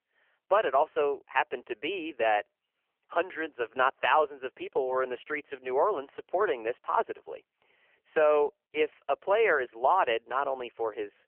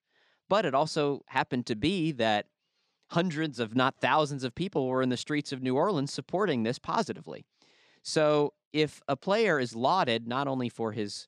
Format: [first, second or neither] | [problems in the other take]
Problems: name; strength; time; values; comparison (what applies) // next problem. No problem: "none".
second | phone-call audio; poor line; nothing above 3 kHz